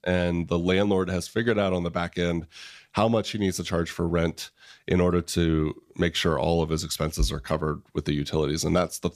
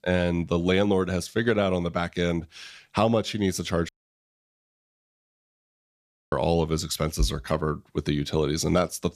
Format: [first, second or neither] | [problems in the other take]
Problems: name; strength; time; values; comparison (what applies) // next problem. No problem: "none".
first | audio cutting out; at 4 s for 2.5 s